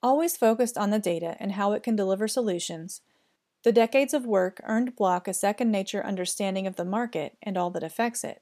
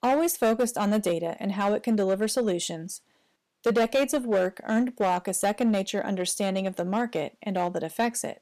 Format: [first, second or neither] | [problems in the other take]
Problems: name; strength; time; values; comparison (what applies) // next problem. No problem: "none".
first | distortion; slight; 6% of the sound clipped